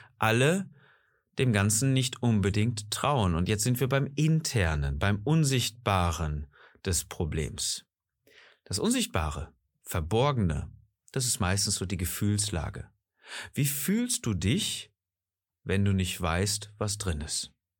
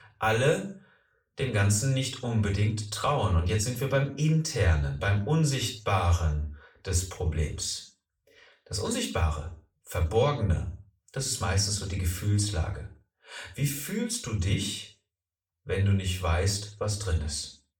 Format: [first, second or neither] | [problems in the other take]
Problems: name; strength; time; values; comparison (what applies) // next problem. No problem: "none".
first | room echo; slight; dies away in 0.4 s // off-mic speech; far